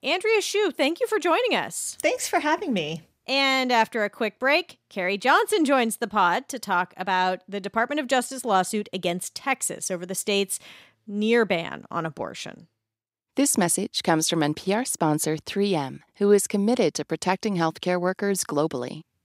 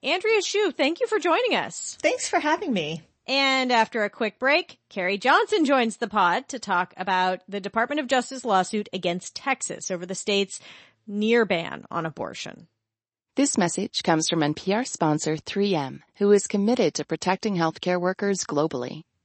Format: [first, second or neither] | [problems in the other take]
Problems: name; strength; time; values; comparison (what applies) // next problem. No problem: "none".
first | garbled, watery; slightly; nothing above 8 kHz